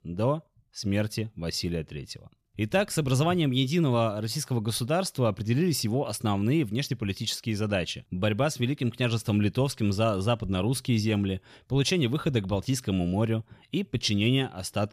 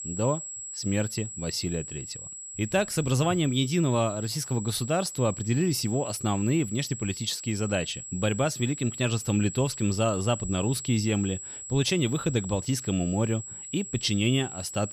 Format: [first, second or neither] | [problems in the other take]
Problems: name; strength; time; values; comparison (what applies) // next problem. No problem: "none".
first | high-pitched whine; loud; throughout; 7.5 kHz, 9 dB below the speech